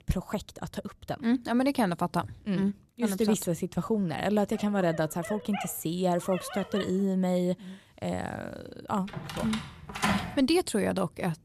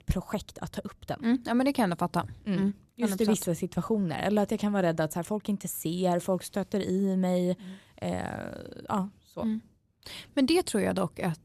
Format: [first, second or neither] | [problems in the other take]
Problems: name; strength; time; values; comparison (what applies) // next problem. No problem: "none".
second | dog barking; noticeable; from 4.5 to 7 s; peak 8 dB below the speech // door banging; loud; from 9 to 10 s; peak 1 dB above the speech